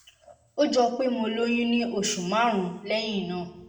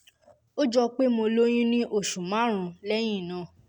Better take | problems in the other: second | room echo; dies away in 0.7 s

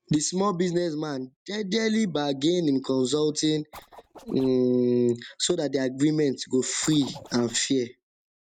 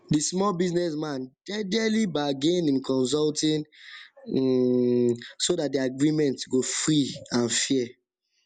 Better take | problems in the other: second | noise reduction (neural mask model RNNoise)

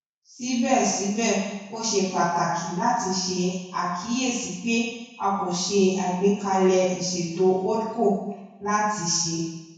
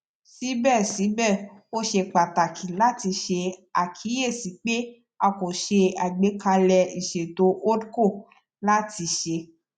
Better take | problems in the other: second | room echo; dies away in 1 s

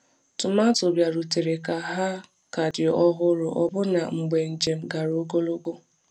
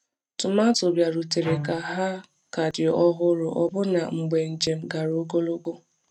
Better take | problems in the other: first | noise reduction (neural mask model RNNoise)

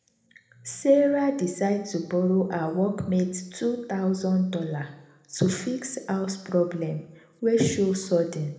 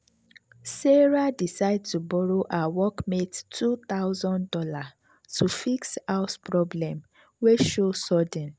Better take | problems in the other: second | room echo; dies away in 0.8 s

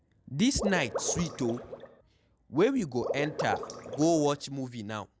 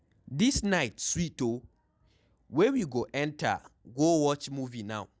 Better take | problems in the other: second | background sound (Water / Liquid); 7 dB below the speech

